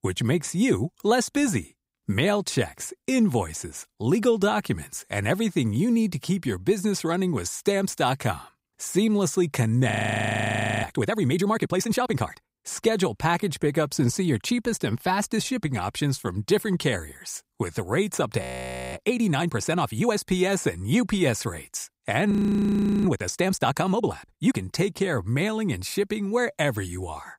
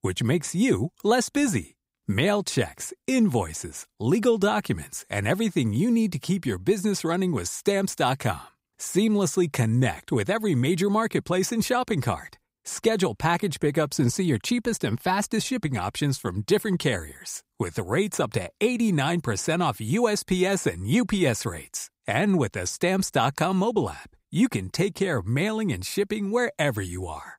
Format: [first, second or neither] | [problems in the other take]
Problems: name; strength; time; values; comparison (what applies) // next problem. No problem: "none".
second | audio freezing; at 10 s for 1 s, at 18 s for 0.5 s and at 22 s for 0.5 s